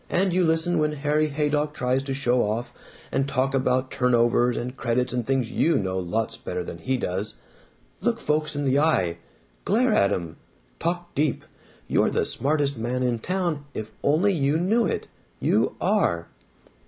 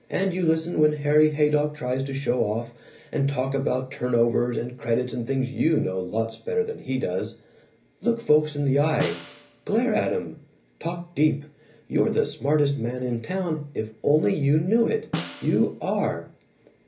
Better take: first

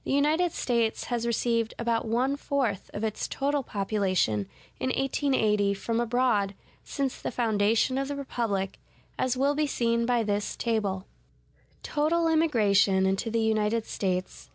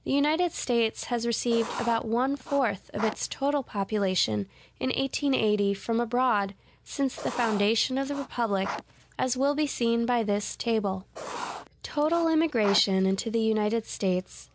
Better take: first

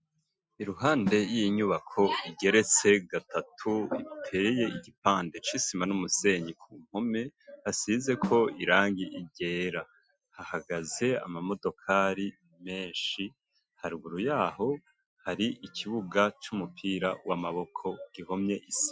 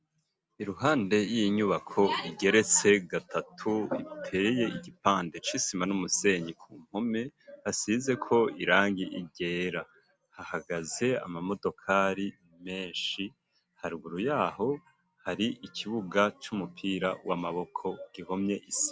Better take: second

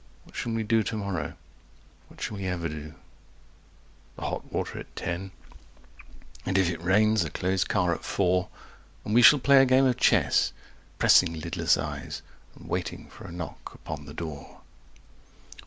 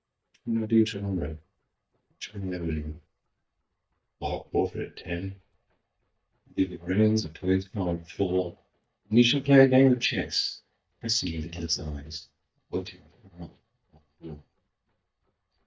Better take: first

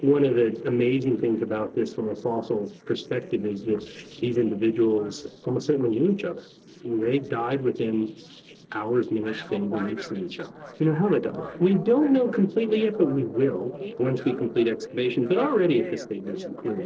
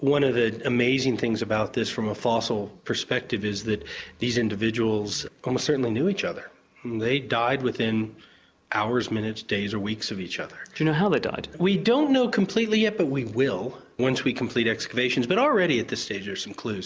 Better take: second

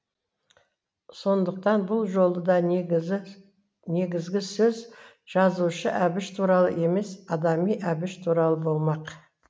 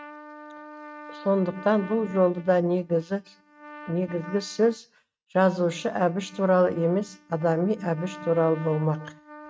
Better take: first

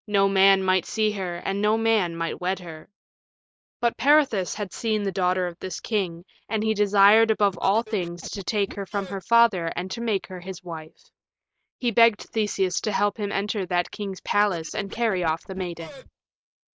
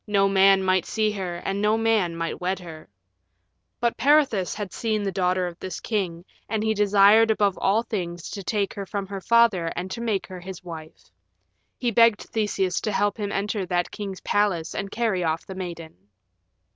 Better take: second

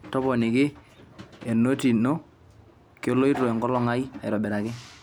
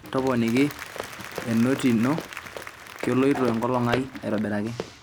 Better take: first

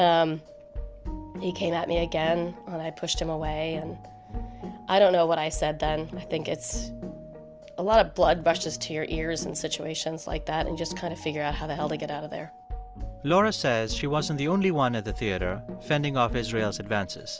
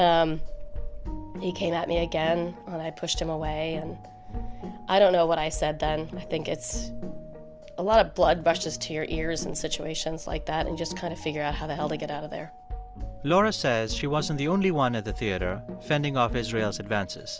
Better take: first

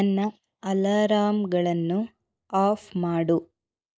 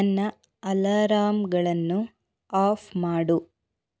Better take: second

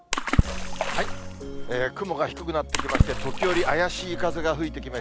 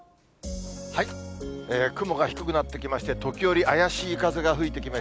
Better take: second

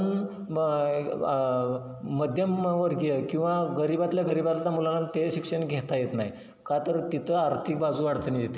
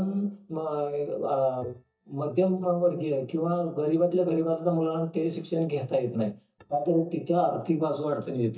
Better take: first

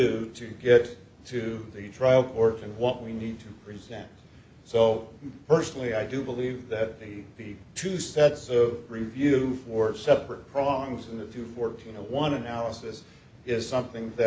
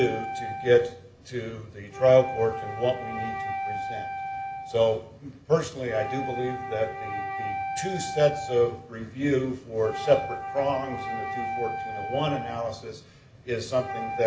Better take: first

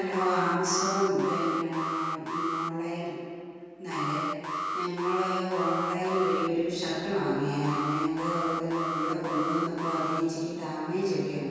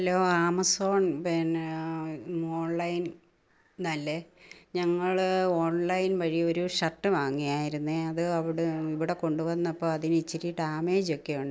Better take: second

